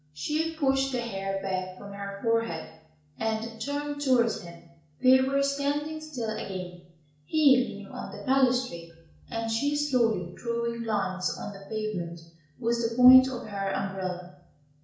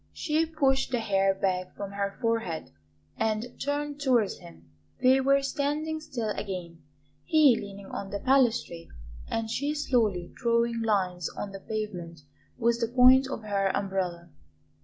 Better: second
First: room echo; dies away in 0.5 s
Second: none

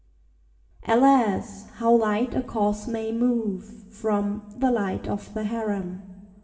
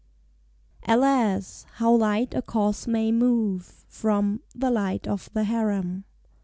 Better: second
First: room echo; dies away in 1.6 s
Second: none

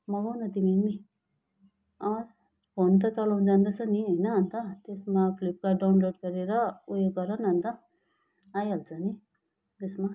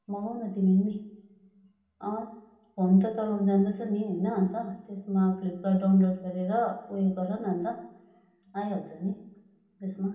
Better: first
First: none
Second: room echo; dies away in 0.8 s

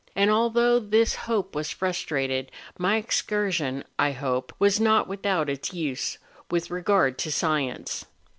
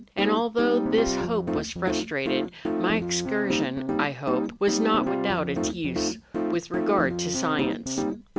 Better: first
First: none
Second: background sound (Piano); as loud as the speech

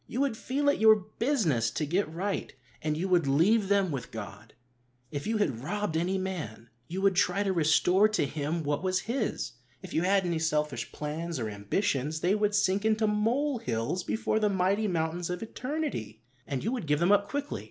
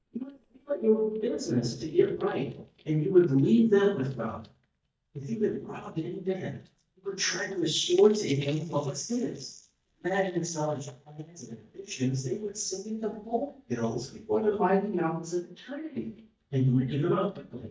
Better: first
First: none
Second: noise reduction (neural mask model DeepFilterNet 3)

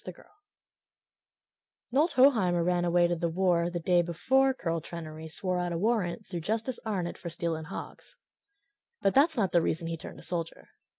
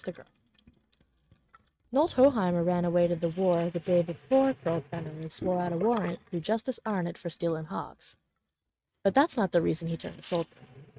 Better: first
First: none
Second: noise reduction (neural mask model RNNoise)

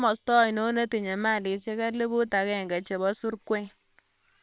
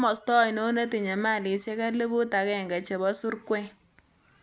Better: second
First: noise reduction (neural separator model SepFormer WHAM!)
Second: none

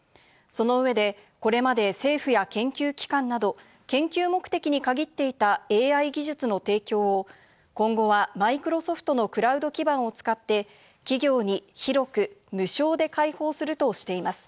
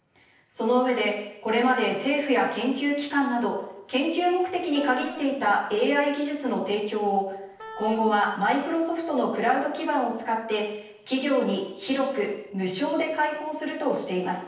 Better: first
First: none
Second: noise reduction (neural separator model SepFormer DNS4)

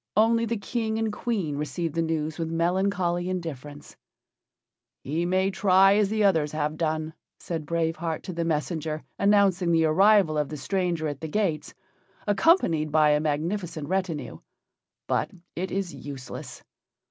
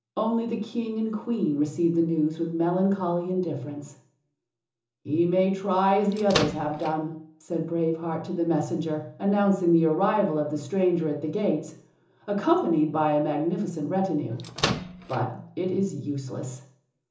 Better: first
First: none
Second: background sound (Microwave oven); 5 dB below the speech // room echo; dies away in 0.6 s

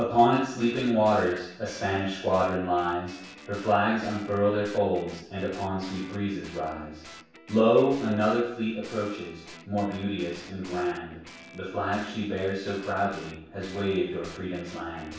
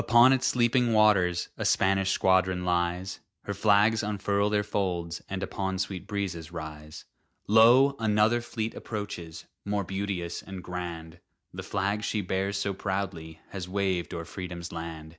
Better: second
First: background sound (Guitar); 20 dB below the speech // room echo; dies away in 0.7 s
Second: none

